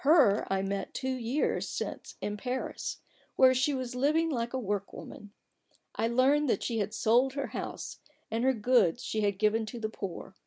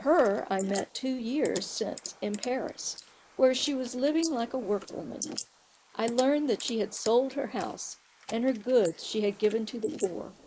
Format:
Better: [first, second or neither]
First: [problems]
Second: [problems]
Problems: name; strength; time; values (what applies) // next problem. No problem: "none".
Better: first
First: none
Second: noise reduction (neural mask model Resemble Enhance denoiser)